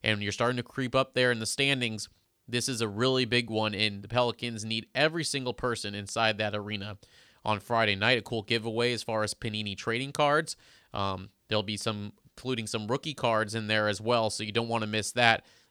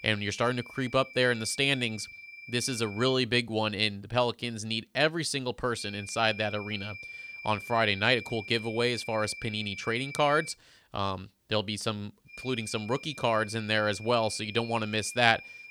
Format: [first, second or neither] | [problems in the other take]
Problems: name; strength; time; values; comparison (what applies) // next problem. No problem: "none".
first | high-pitched whine; noticeable; until 3 s, from 6 to 11 s and from 12 s on; 2.5 kHz, 15 dB below the speech